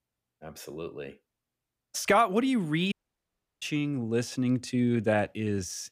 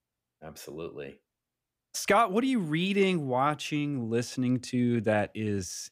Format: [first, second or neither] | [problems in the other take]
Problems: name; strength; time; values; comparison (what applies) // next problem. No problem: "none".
second | audio cutting out; at 3 s for 0.5 s